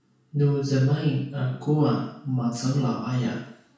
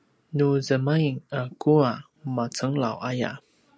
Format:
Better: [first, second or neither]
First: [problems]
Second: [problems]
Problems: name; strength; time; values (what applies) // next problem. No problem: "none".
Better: second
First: room echo; dies away in 0.6 s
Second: none